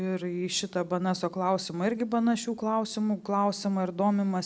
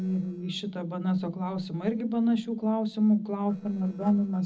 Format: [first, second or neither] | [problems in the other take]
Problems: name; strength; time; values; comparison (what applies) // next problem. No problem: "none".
first | noise reduction (neural separator model SepFormer DNS4)